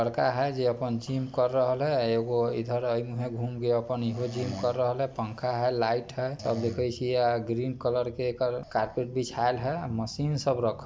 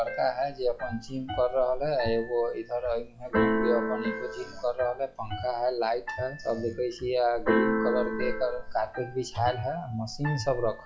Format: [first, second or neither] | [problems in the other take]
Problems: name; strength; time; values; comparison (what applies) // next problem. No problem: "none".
first | noise reduction (classical method log-MMSE)